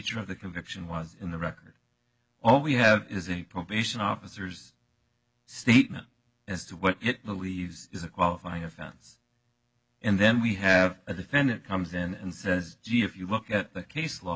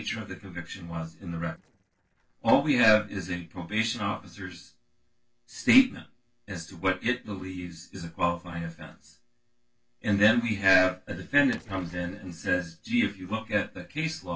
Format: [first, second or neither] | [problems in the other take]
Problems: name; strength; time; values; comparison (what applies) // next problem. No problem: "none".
first | noise reduction (neural separator model SepFormer DNS4)